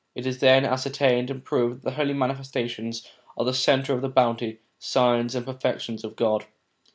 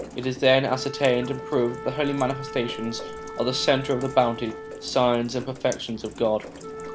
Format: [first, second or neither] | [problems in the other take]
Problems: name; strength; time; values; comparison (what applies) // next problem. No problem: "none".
first | background sound (Wind instrument, woodwind instrument + Rain); 12 dB below the speech